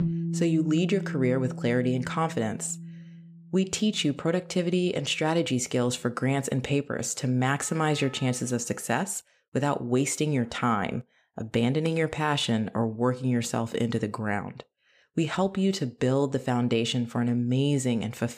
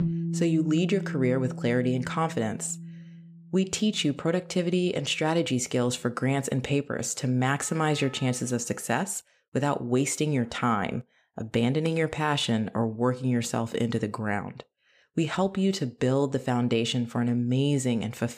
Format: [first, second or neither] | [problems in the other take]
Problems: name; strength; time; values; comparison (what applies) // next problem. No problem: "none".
neither | background music; loud; until 8 s; 9 dB below the speech; the same in both